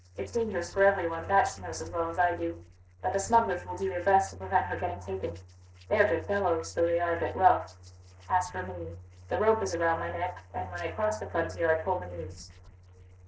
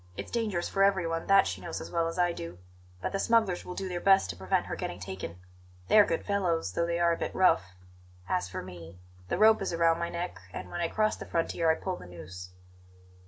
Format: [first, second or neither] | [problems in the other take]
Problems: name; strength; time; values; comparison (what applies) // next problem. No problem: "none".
second | noise reduction (neural separator model SepFormer DNS4)